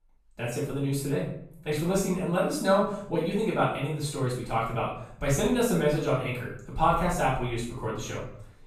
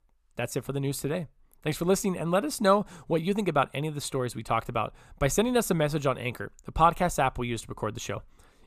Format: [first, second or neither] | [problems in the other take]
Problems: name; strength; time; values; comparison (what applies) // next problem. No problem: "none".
second | off-mic speech; far // room echo; noticeable; dies away in 0.5 s